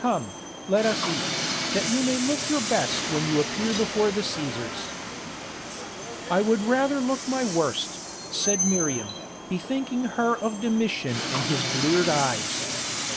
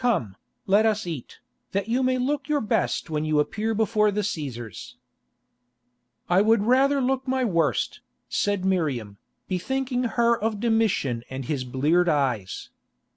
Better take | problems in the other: second | background sound (Train); 4 dB below the speech

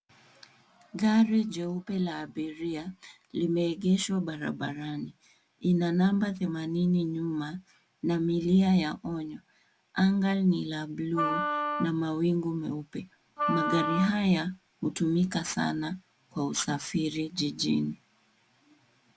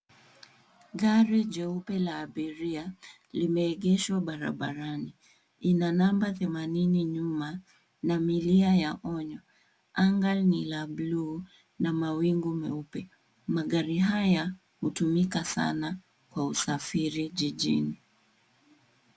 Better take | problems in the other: second | background sound (Wind instrument, woodwind instrument); 4 dB below the speech

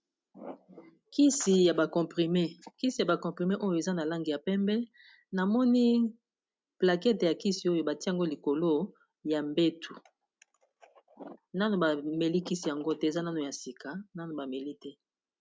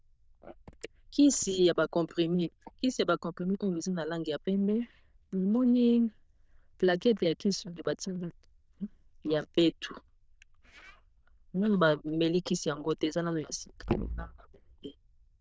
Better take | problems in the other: first | noise reduction (neural diffusion model UNIVERSE++)

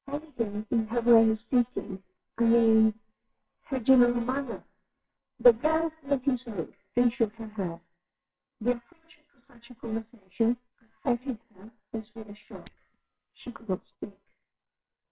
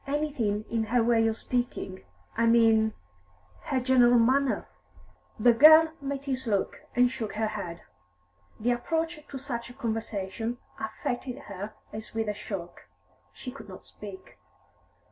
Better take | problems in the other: second | noise reduction (neural separator model SepFormer WHAMR!)

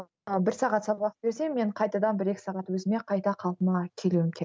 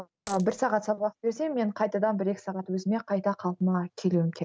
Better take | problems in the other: first | background sound (Coin (dropping)); 16 dB below the speech

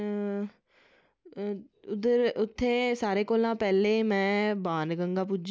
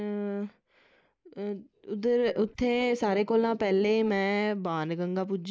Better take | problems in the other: first | noise reduction (neural mask model Resemble Enhance denoiser)

